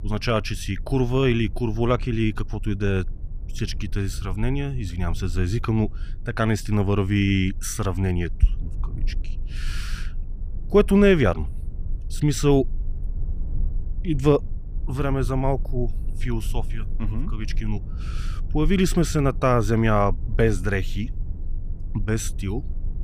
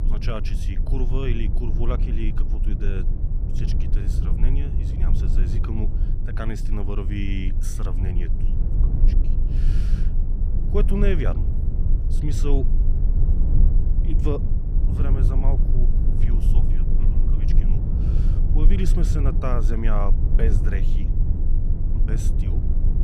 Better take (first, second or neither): first